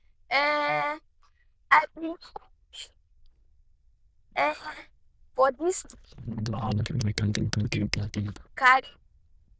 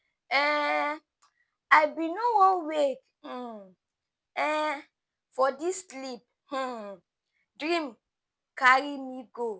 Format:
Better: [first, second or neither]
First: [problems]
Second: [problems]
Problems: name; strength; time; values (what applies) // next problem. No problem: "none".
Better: second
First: noise reduction (neural diffusion model UNIVERSE++)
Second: none